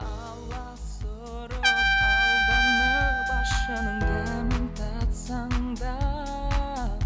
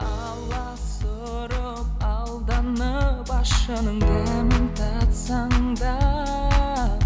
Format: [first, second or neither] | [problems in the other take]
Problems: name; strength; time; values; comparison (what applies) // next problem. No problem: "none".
second | background sound (Trumpet); as loud as the speech